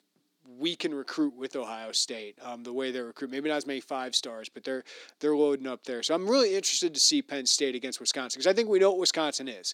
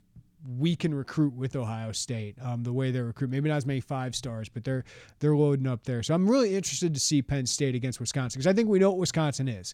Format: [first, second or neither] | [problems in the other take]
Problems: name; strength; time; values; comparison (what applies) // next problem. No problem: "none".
second | thin; somewhat; fading below 300 Hz